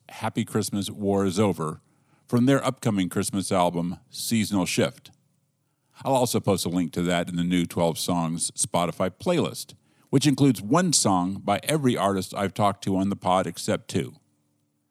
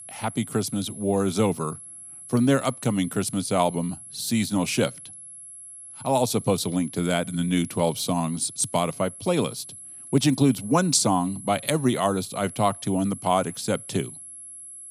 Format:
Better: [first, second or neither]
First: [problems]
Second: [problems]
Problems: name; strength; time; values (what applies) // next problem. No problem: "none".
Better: first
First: none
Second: high-pitched whine; noticeable; throughout; 11 kHz, 15 dB below the speech